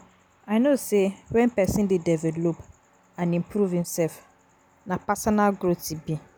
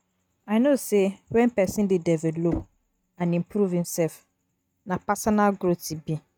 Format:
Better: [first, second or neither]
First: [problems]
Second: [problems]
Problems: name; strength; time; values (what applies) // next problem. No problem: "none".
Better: first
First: none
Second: noise reduction (neural mask model RNNoise)